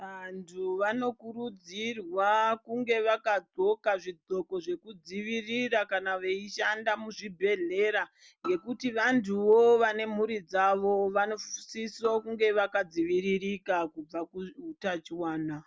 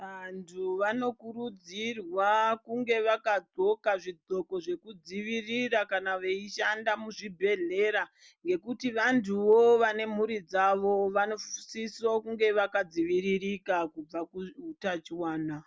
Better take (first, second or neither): second